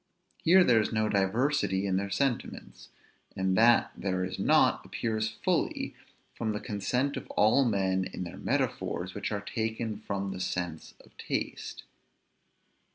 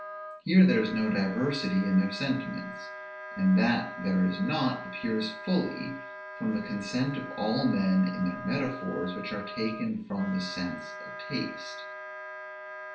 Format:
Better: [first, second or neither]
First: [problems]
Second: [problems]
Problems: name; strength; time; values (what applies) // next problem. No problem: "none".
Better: first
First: none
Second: background sound (Wind instrument, woodwind instrument); 12 dB below the speech // room echo; dies away in 0.4 s